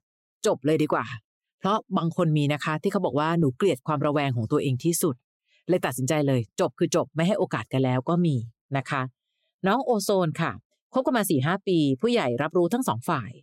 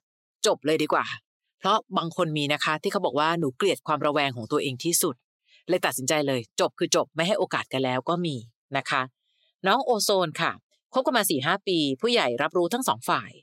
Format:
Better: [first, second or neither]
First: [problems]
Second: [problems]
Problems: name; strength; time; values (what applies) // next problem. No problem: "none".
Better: first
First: none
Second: thin; very slightly; fading below 1 kHz